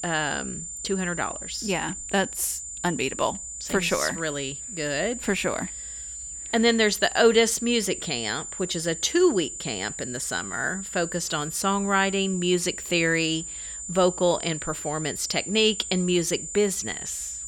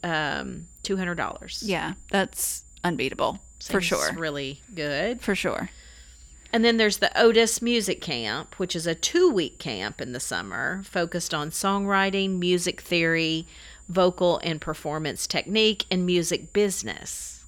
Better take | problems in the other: second | high-pitched whine; loud; throughout; 7 kHz, 8 dB below the speech; faint in the second

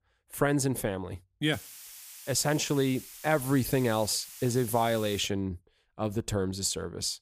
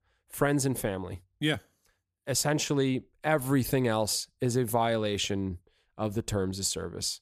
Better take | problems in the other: second | hiss; noticeable; from 1.5 to 5.5 s; 15 dB below the speech

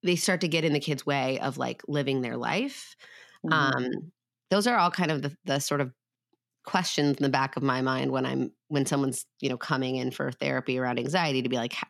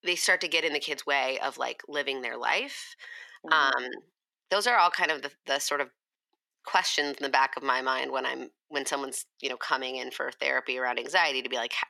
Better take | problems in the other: first | thin; very; fading below 450 Hz

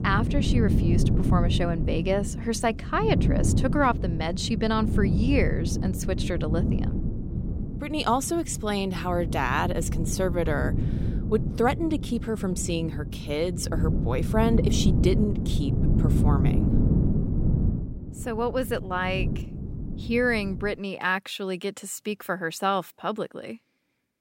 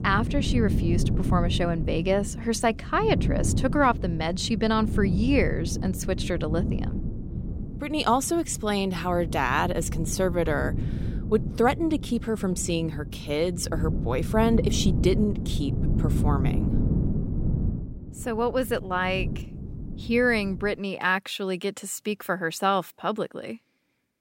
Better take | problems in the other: second | wind noise on the microphone; heavy; until 21 s; 8 dB below the speech; occasional gusts in the second

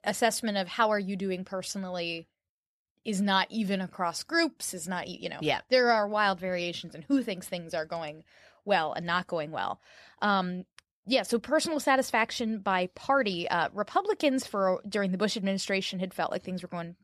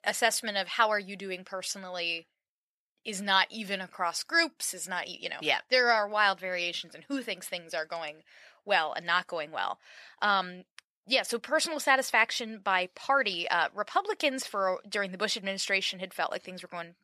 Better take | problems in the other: first | thin; somewhat; fading below 850 Hz

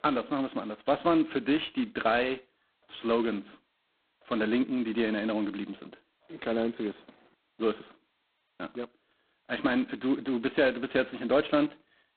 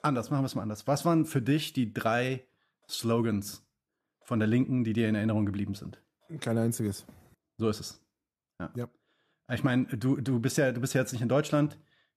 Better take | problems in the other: second | phone-call audio; poor line; nothing above 4 kHz

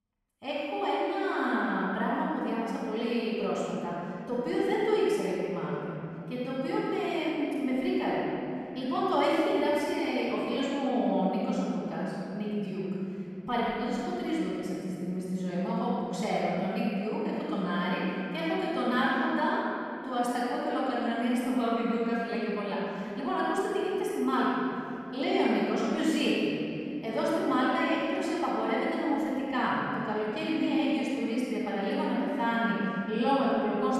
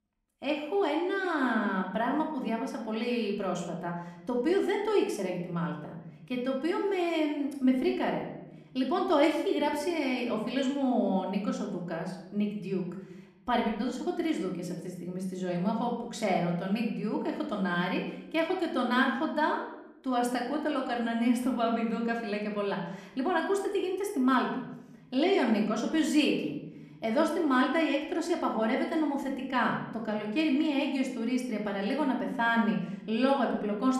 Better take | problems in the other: second | room echo; strong; dies away in 3 s; slight in the second // off-mic speech; far; somewhat distant in the second

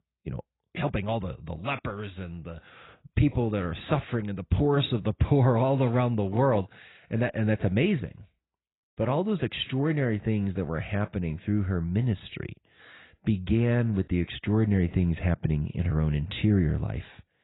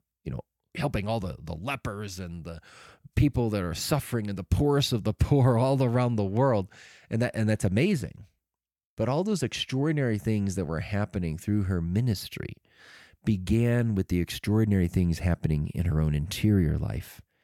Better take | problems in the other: second | garbled, watery; badly; nothing above 4 kHz

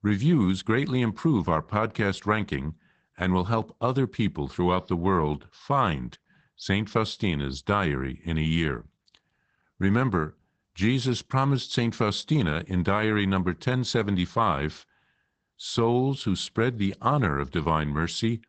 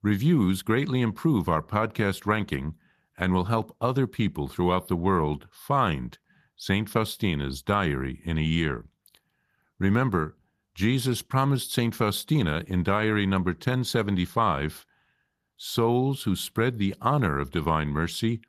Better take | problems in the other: second | garbled, watery; badly; nothing above 8 kHz; slightly in the second

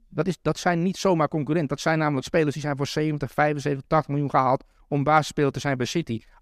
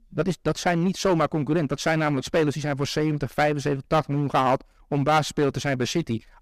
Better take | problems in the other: first | distortion; slight; 7% of the sound clipped

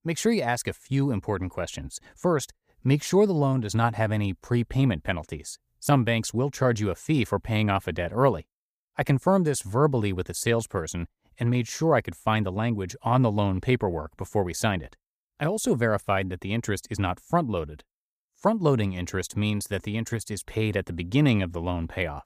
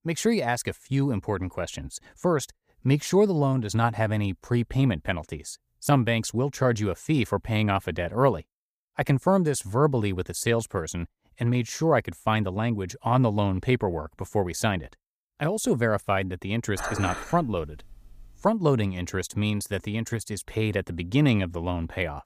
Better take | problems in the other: first | clattering dishes; noticeable; from 17 to 18 s; peak 6 dB below the speech

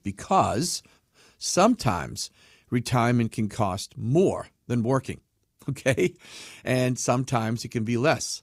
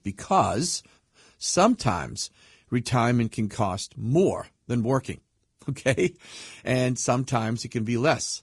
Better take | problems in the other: first | garbled, watery; slightly; nothing above 10.5 kHz

